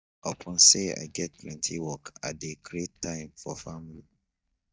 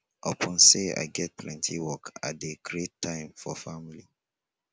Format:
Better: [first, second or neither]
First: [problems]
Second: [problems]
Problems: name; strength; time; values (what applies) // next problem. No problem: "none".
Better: second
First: noise reduction (neural mask model DeepFilterNet 3)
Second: none